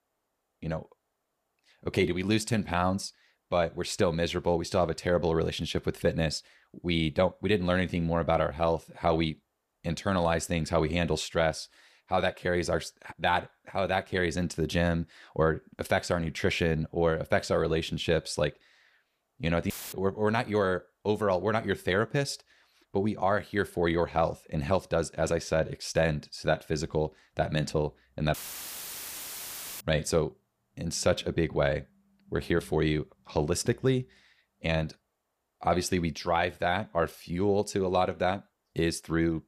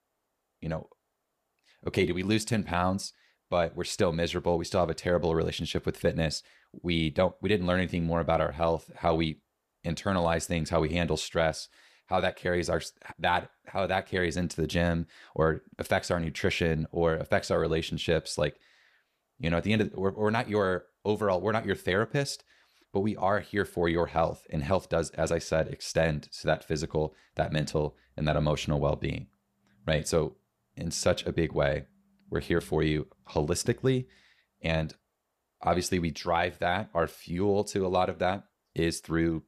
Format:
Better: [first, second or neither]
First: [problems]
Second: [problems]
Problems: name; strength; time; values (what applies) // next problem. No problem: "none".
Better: second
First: audio cutting out; filled with static; at 20 s and at 28 s for 1.5 s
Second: none